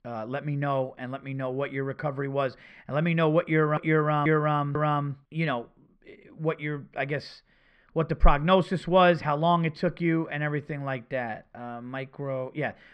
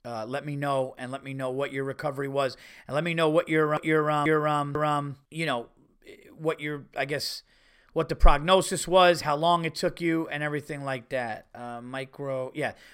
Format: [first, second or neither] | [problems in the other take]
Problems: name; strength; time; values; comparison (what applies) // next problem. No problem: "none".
second | muffled; slightly; fading above 2.5 kHz